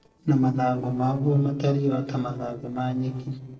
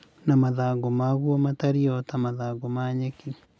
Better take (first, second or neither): second